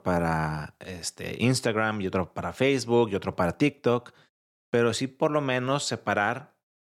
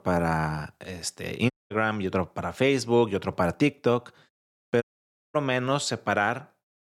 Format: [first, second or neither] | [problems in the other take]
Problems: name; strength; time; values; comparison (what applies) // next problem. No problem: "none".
first | audio cutting out; at 1.5 s and at 5 s for 0.5 s